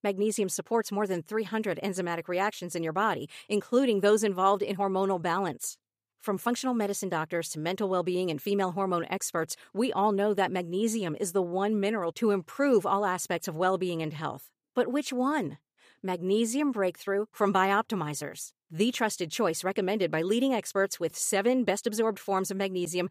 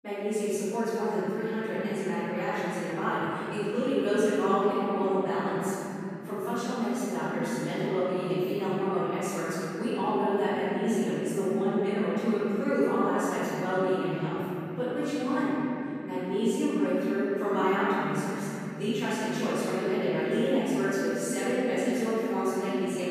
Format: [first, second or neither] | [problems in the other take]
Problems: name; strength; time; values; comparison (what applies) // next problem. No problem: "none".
first | room echo; strong; dies away in 3 s // off-mic speech; far